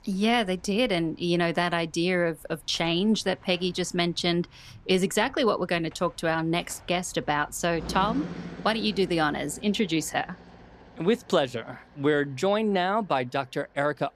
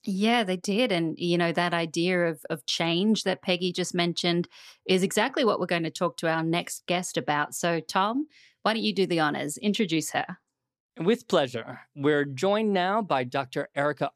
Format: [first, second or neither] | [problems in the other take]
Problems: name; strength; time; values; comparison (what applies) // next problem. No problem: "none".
second | traffic noise; noticeable; throughout; 20 dB below the speech